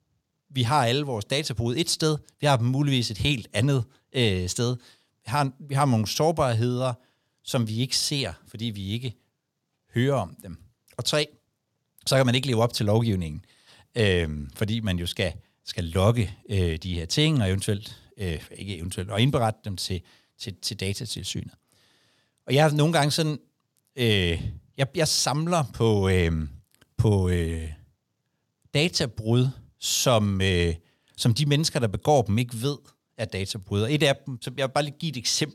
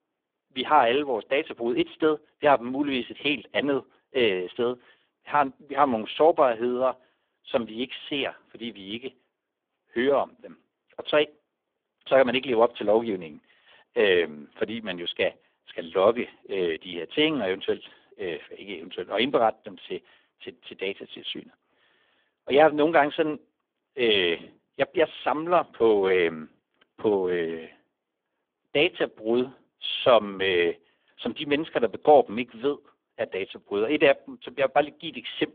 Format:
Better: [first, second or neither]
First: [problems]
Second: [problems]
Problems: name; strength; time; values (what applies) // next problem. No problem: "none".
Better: first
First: none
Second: phone-call audio; poor line; nothing above 3.5 kHz